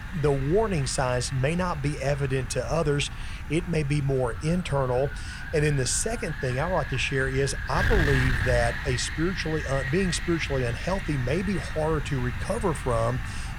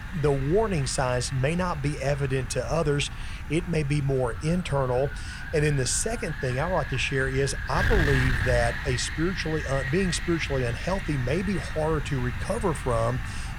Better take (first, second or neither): neither